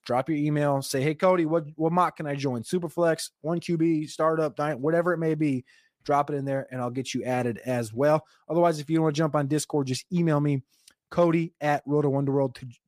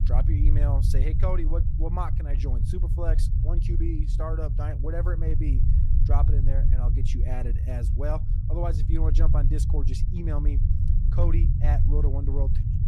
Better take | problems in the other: first | low rumble; loud; throughout; 5 dB below the speech

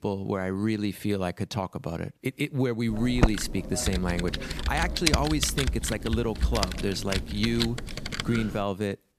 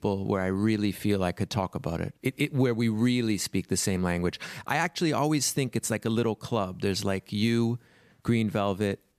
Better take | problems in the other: second | keyboard typing; loud; from 3 to 8.5 s; peak 4 dB above the speech

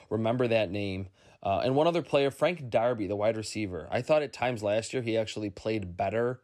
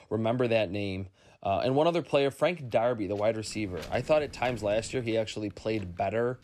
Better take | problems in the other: first | wind noise on the microphone; occasional gusts; from 2.5 s on; 25 dB below the speech

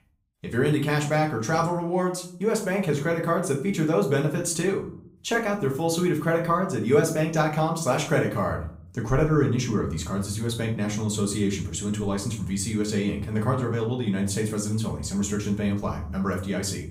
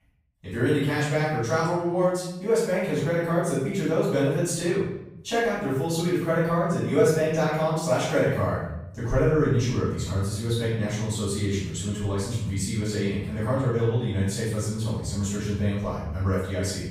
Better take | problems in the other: first | room echo; strong; dies away in 0.9 s; slight in the first // off-mic speech; far; far in the first

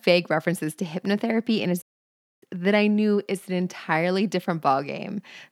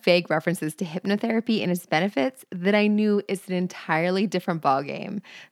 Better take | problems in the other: second | audio cutting out; at 2 s for 0.5 s

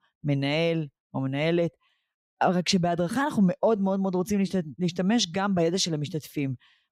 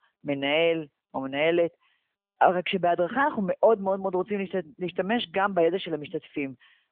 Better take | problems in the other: first | phone-call audio; nothing above 3.5 kHz

